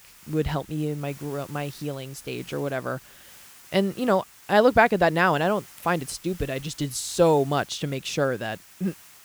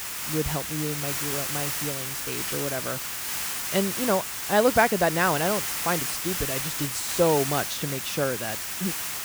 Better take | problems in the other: first | hiss; loud; throughout; 1 dB below the speech; faint in the first

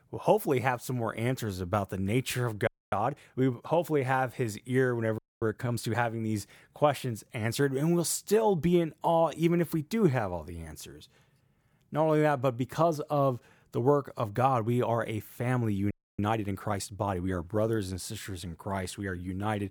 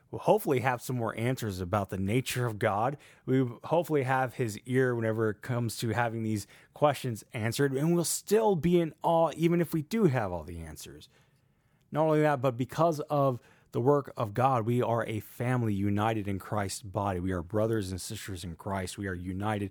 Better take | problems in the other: second | audio freezing; at 2.5 s, at 5 s and at 16 s

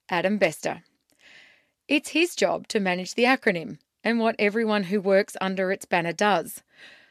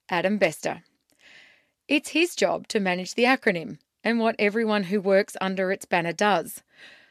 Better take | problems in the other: neither | none

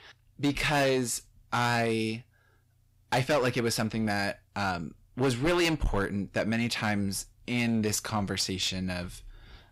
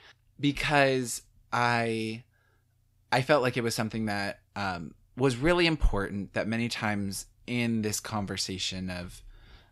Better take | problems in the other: second | distortion; heavy; 7% of the sound clipped

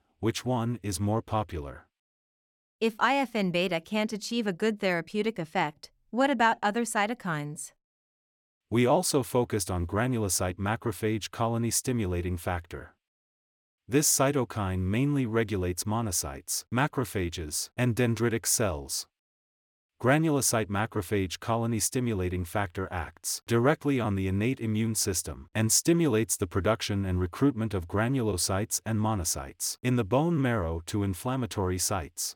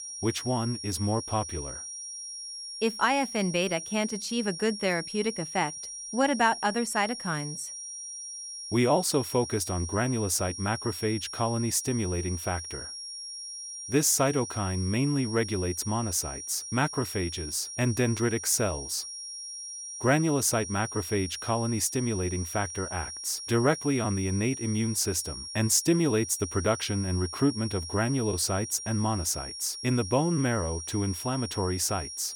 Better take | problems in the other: first | high-pitched whine; loud; throughout; 5.5 kHz, 8 dB below the speech

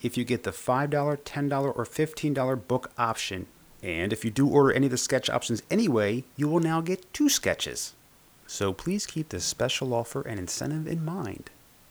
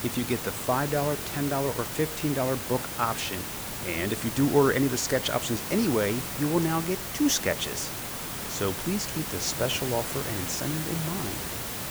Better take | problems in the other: first | hiss; loud; throughout; 4 dB below the speech; faint in the first

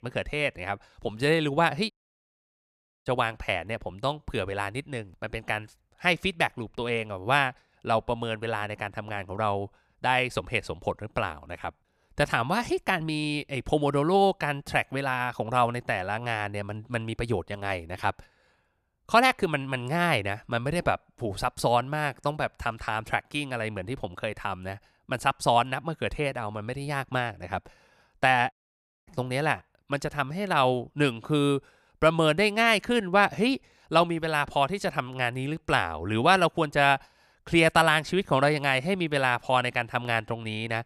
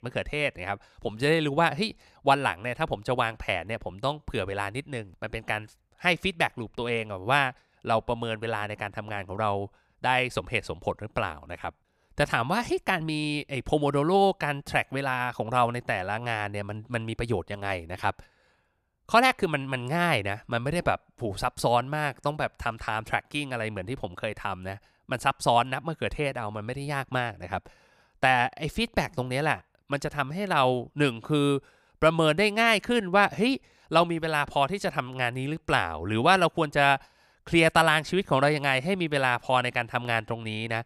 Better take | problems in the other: second | audio cutting out; at 2 s for 1 s and at 29 s for 0.5 s

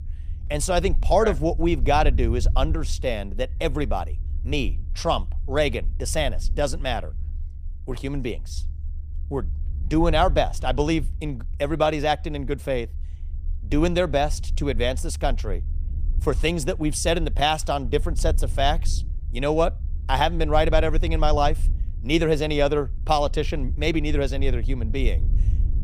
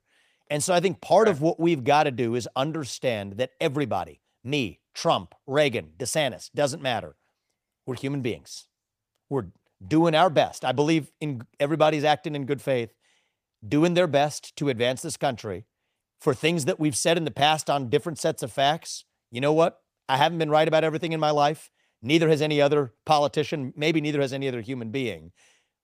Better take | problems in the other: second | low rumble; faint; throughout; 25 dB below the speech

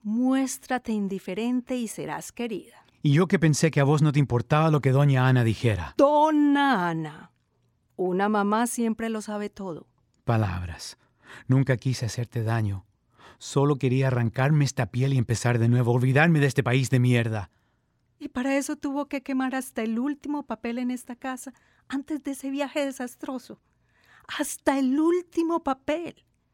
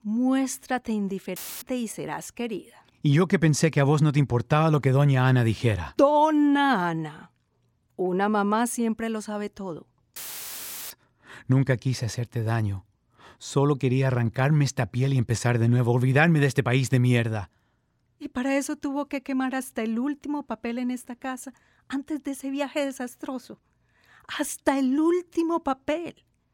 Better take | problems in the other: first | audio cutting out; filled with static; at 1.5 s and at 10 s for 1 s

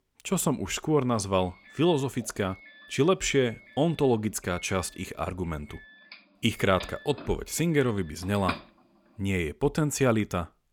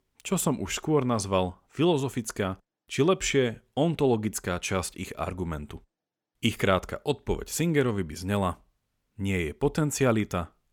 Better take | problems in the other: second | doorbell; noticeable; from 6 to 8.5 s; peak 7 dB below the speech

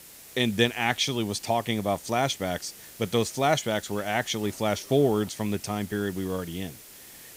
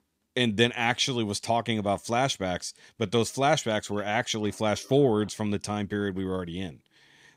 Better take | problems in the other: second | hiss; noticeable; throughout; 15 dB below the speech

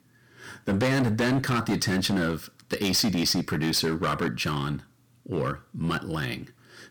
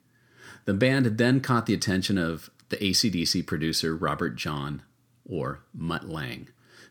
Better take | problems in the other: second | distortion; heavy; 11% of the sound clipped

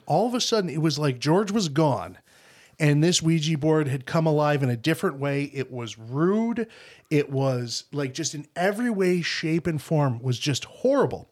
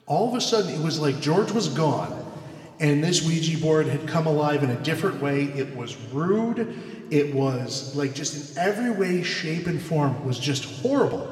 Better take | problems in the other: first | room echo; slight; dies away in 1.9 s

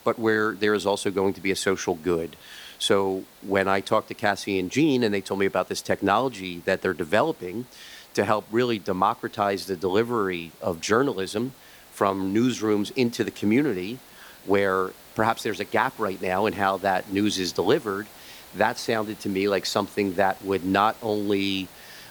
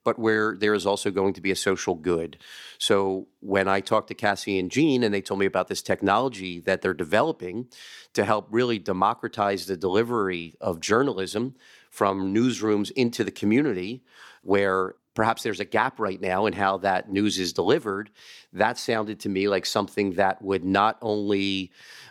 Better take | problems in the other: second | hiss; faint; throughout; 20 dB below the speech

